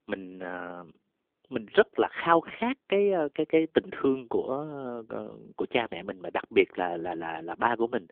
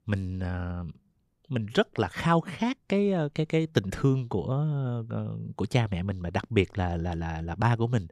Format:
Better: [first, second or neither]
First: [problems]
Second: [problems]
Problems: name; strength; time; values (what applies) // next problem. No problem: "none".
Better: second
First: phone-call audio; poor line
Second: none